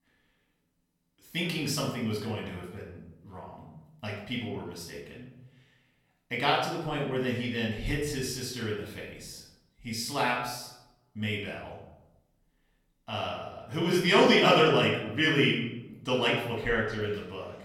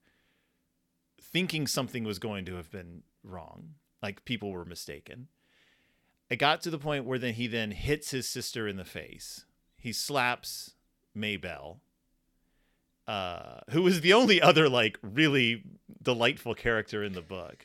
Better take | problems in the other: second | off-mic speech; far // room echo; noticeable; dies away in 0.7 s

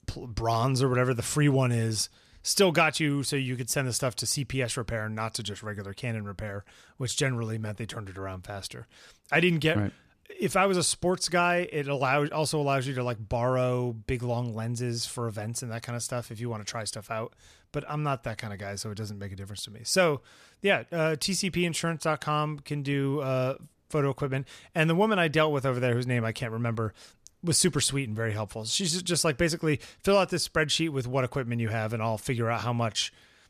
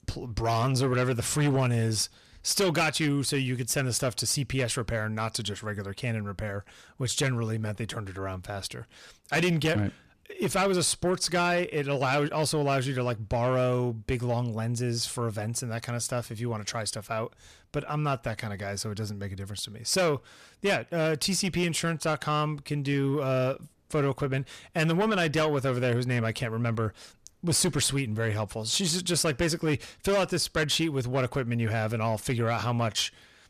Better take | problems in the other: first | distortion; slight; 10 dB below the speech

